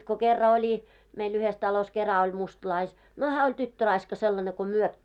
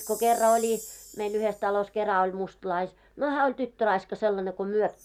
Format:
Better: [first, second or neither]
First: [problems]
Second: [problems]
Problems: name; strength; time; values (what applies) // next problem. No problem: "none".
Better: first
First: none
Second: background sound (Chime); 19 dB below the speech